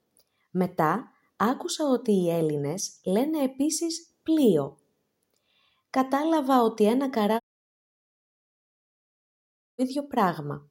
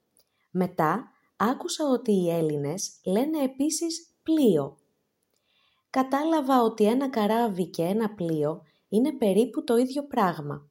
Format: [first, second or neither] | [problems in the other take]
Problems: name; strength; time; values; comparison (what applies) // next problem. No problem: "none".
second | audio cutting out; at 7.5 s for 2.5 s